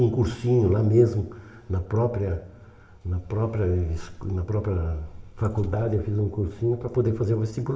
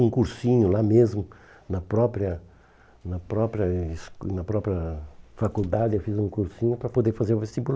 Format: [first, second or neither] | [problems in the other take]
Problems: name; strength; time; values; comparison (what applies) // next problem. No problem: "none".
second | room echo; dies away in 1 s